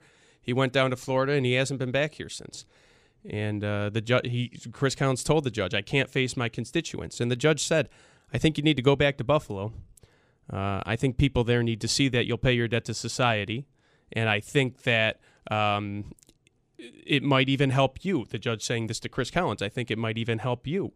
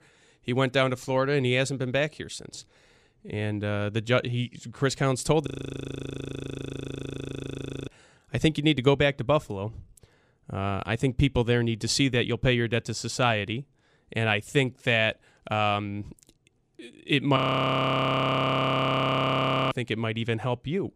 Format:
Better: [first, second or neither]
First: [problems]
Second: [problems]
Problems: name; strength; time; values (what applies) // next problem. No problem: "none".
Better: first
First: none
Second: audio freezing; at 5.5 s for 2.5 s and at 17 s for 2.5 s